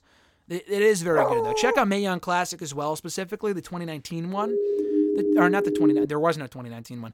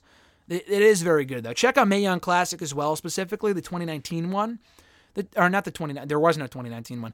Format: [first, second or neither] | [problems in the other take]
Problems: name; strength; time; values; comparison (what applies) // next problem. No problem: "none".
second | dog barking; loud; at 1 s; peak 3 dB above the speech // siren; loud; from 4.5 to 6 s; peak 5 dB above the speech